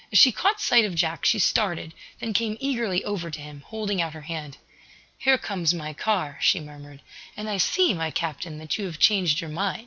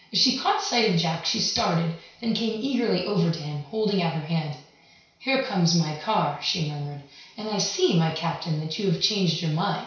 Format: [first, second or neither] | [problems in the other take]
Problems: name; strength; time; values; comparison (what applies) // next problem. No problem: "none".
first | room echo; dies away in 0.6 s